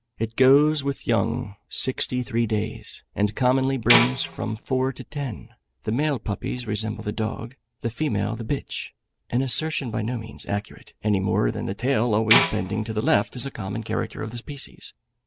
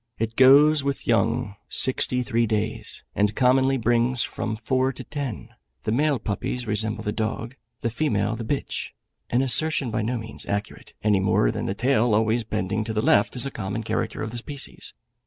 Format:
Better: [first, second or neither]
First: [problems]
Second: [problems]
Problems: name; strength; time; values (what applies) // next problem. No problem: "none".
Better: second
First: background sound (Tambourine); 2 dB below the speech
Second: none